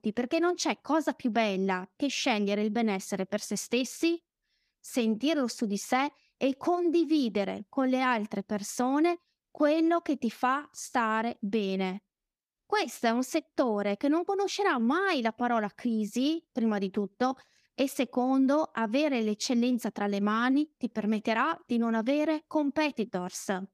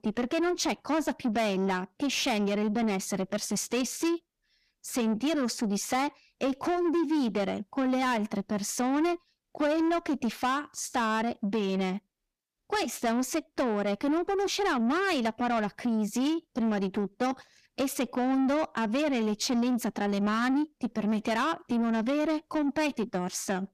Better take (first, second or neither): first